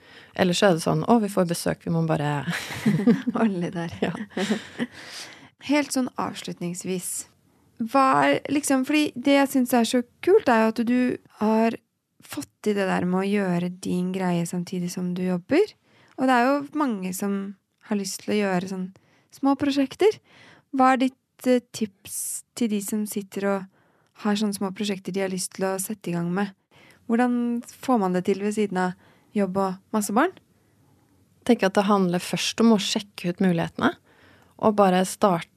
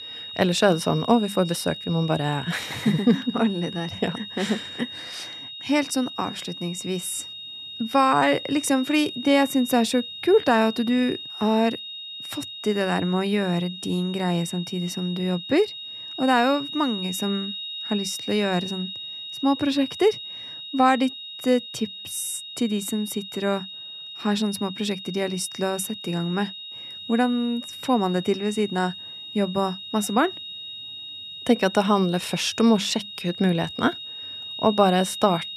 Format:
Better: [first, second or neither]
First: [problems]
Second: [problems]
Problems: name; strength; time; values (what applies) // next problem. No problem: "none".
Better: first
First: none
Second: high-pitched whine; loud; throughout; 4 kHz, 10 dB below the speech